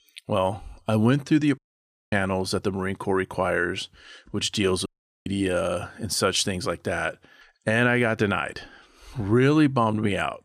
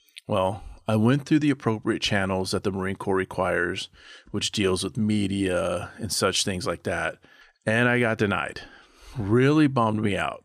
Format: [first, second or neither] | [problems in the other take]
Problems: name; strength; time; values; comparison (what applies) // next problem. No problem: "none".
second | audio cutting out; at 1.5 s for 0.5 s and at 5 s